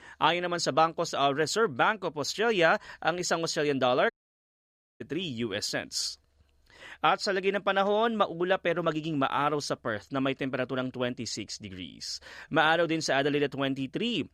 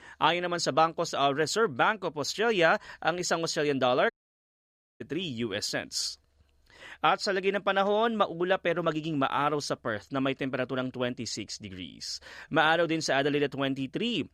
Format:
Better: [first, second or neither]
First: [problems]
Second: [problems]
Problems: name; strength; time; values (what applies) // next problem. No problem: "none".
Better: neither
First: audio cutting out; at 4 s for 1 s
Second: audio cutting out; at 4 s for 1 s